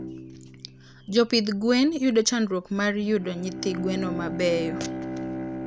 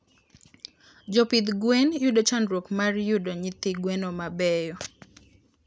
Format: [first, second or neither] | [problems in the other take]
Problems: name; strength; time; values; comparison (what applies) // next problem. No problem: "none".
second | background sound (Bowed string instrument); 9 dB below the speech